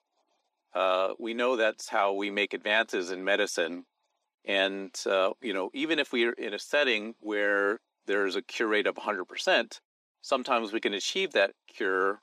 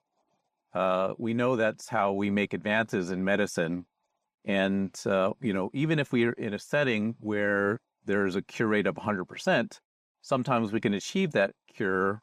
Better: second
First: thin; somewhat; fading below 300 Hz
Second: none

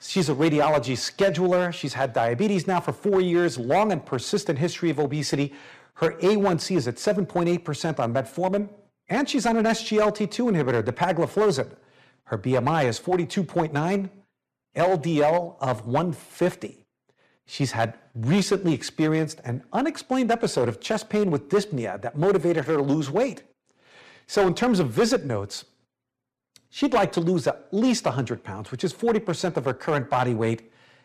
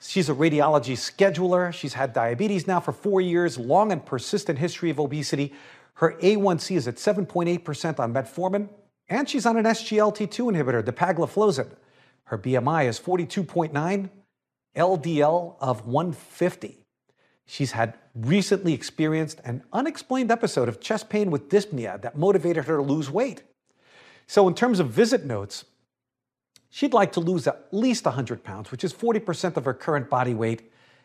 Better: second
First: distortion; slight; 4% of the sound clipped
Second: none

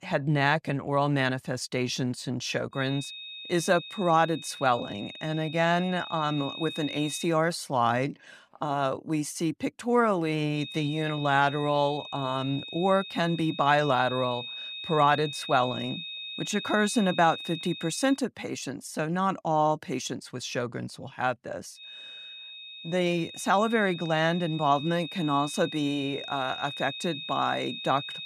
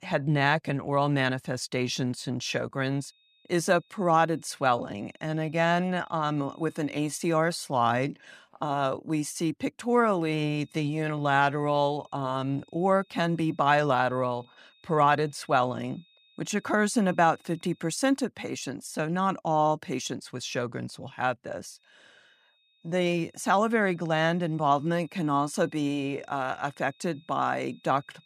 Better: second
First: high-pitched whine; loud; from 3 to 7.5 s, from 11 to 18 s and from 22 s on; 3.5 kHz, 10 dB below the speech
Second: high-pitched whine; faint; from 3 to 7.5 s, from 11 to 18 s and from 22 s on; 3.5 kHz, 35 dB below the speech

